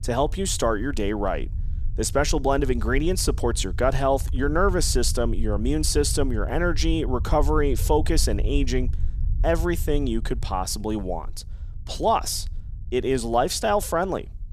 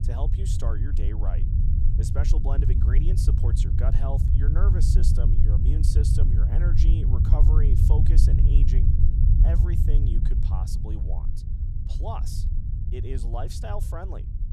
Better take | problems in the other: first | low rumble; loud; throughout; as loud as the speech; faint in the first

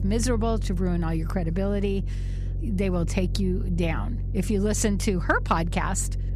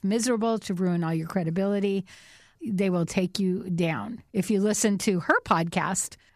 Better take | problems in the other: second | low rumble; noticeable; throughout; 20 dB below the speech

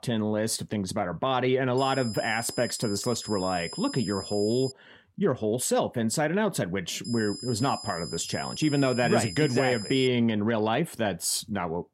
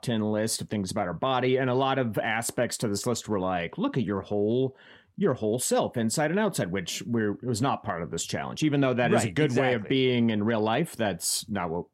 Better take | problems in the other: second | high-pitched whine; noticeable; from 2 to 4.5 s and from 7 to 10 s; 5 kHz, 10 dB below the speech

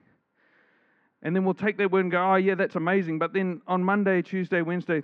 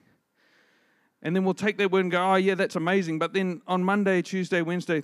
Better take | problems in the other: second | muffled; very; fading above 2 kHz

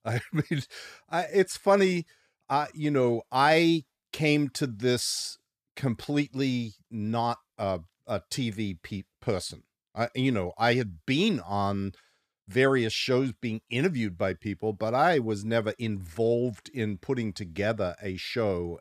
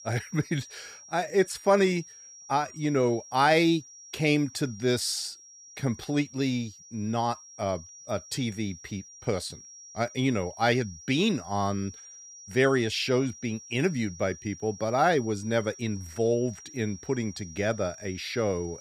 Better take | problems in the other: first | high-pitched whine; noticeable; throughout; 5.5 kHz, 15 dB below the speech

